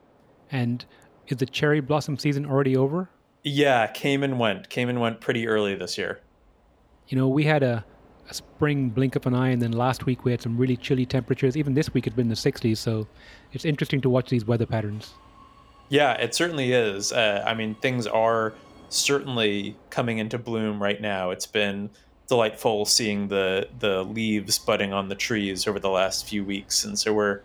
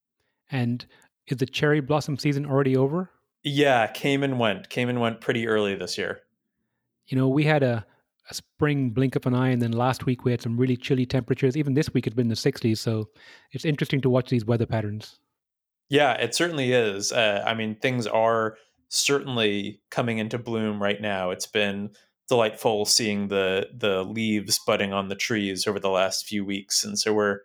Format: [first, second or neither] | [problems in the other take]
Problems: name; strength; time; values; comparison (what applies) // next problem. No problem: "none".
second | train or aircraft noise; faint; throughout; 30 dB below the speech